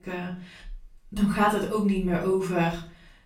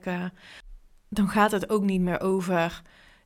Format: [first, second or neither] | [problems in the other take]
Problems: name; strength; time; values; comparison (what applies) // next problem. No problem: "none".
second | room echo; slight; dies away in 0.4 s // off-mic speech; far